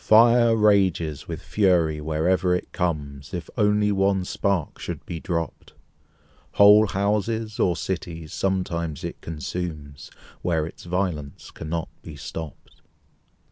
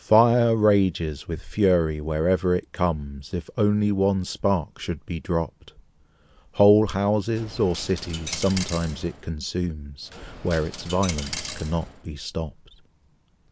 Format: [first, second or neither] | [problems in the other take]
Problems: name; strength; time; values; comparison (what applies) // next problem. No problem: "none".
first | background sound (Coin (dropping)); 12 dB below the speech